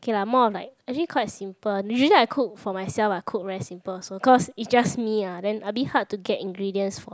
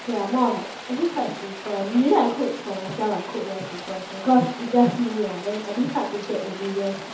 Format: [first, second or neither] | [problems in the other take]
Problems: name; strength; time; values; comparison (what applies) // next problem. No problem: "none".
first | background sound (Rain); 13 dB below the speech // room echo; dies away in 0.6 s